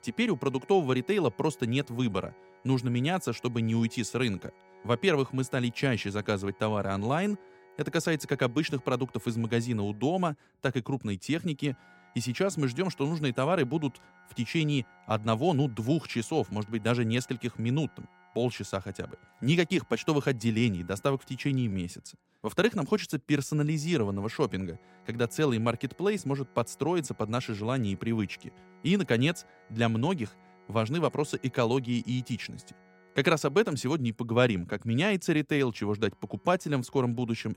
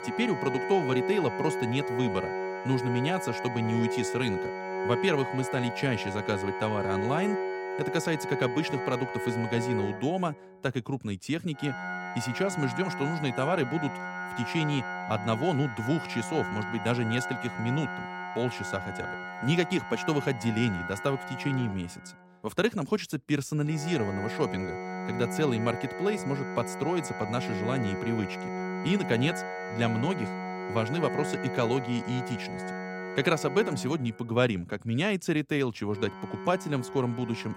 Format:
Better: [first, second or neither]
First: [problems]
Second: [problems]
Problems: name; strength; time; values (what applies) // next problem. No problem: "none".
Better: first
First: background music; faint; throughout; 30 dB below the speech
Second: background music; loud; throughout; 5 dB below the speech